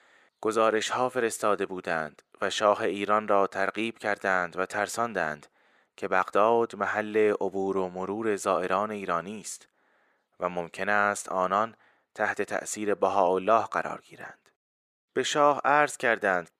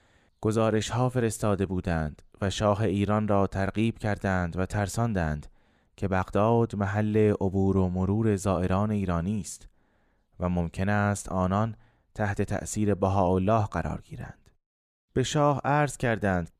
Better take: second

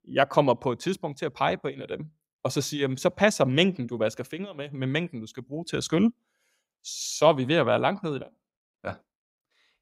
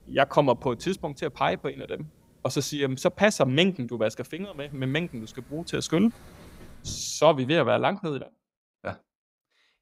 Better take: first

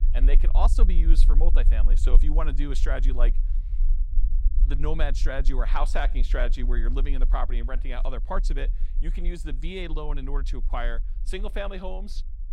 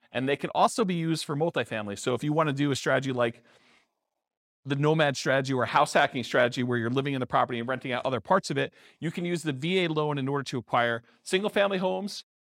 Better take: second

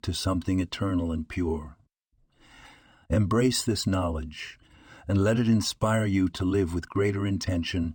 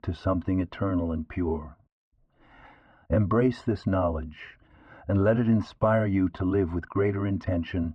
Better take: first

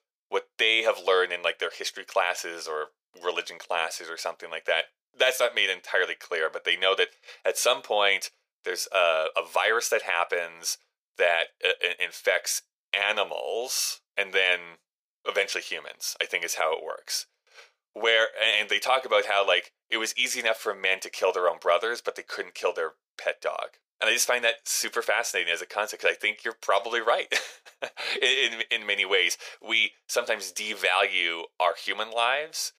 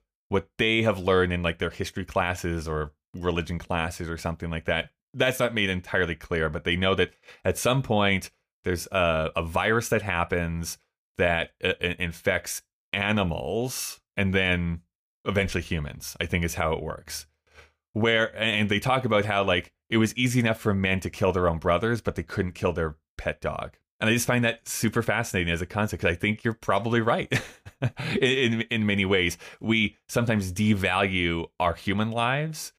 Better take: second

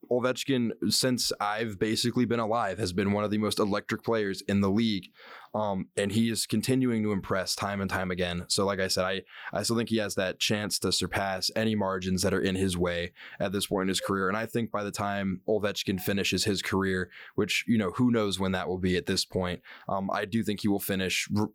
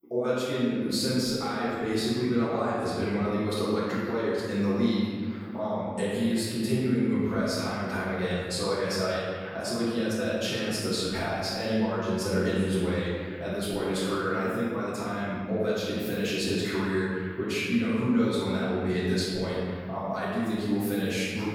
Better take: first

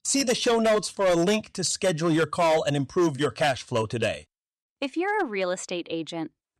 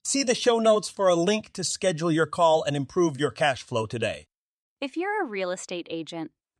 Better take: second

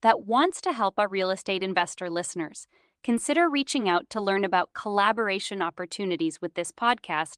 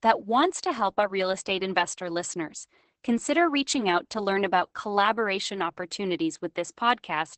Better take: first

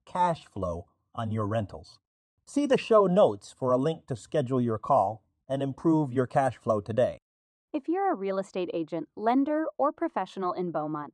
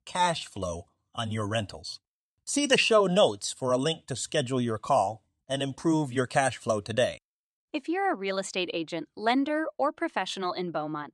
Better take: second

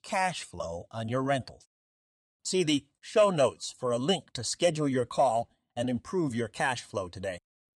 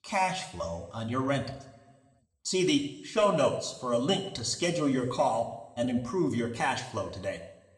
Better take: first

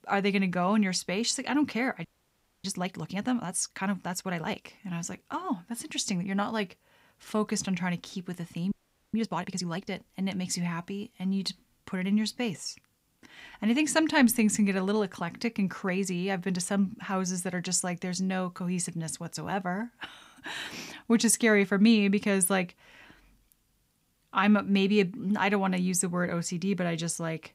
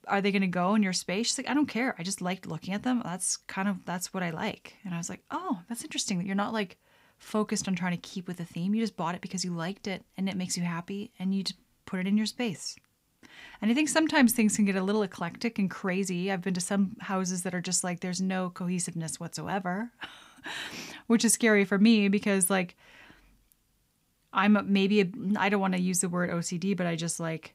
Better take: second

